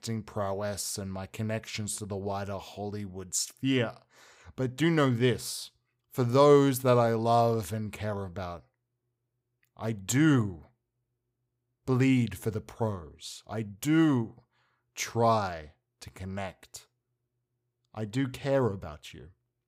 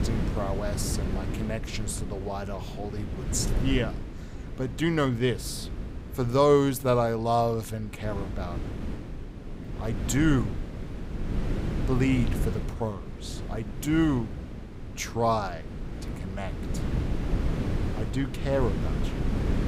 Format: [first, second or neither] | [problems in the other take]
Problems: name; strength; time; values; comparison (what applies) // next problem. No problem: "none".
first | wind noise on the microphone; occasional gusts; 10 dB below the speech